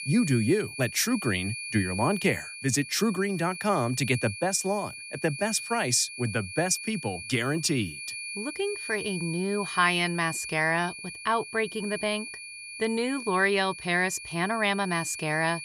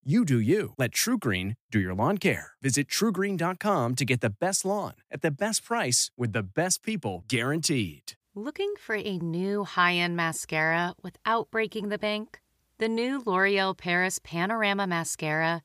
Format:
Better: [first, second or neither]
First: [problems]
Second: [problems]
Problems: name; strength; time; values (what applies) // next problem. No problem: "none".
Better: second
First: high-pitched whine; loud; throughout; 2.5 kHz, 9 dB below the speech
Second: none